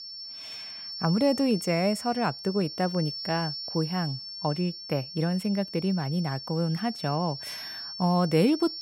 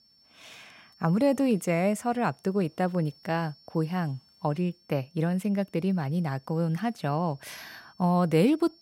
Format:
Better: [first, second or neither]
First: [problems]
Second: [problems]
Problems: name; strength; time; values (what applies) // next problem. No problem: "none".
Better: second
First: high-pitched whine; loud; throughout; 5.5 kHz, 8 dB below the speech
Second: high-pitched whine; faint; throughout; 5.5 kHz, 30 dB below the speech